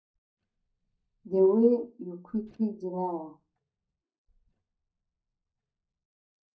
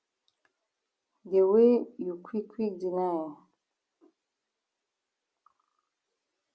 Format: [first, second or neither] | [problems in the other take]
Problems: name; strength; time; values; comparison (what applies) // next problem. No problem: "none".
second | noise reduction (neural mask model DeepFilterNet 3)